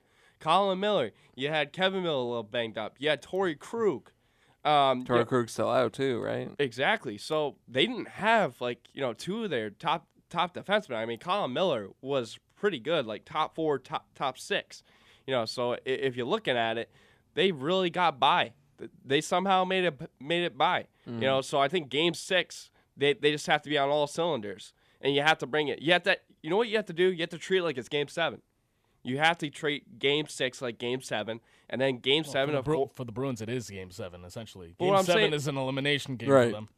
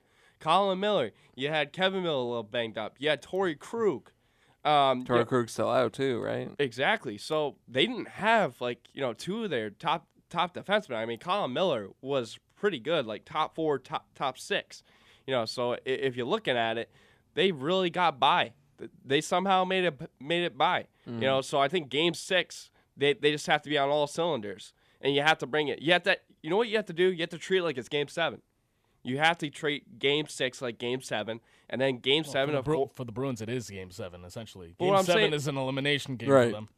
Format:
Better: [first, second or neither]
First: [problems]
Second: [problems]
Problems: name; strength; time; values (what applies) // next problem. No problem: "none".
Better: neither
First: none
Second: none